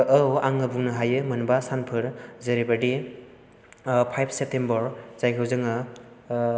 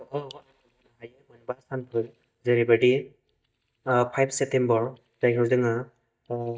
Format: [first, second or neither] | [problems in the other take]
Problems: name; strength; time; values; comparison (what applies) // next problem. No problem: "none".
first | noise reduction (neural mask model DeepFilterNet 3)